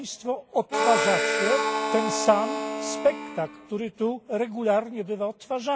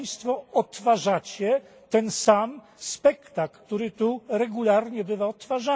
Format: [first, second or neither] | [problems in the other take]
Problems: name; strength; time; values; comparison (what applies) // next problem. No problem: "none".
second | background sound (Harmonica); as loud as the speech